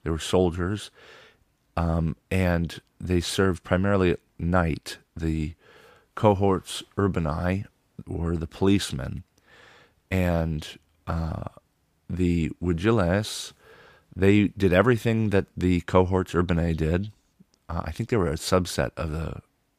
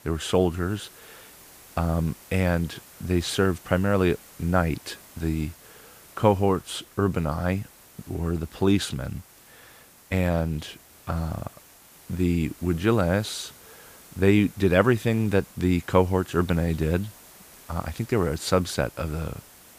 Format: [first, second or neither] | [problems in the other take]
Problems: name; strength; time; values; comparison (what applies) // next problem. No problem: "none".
first | hiss; faint; throughout; 20 dB below the speech